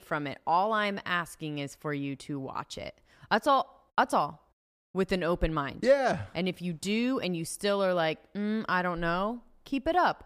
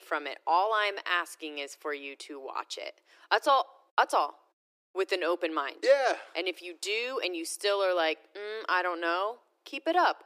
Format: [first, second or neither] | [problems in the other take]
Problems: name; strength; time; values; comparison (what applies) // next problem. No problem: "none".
first | thin; very; fading below 300 Hz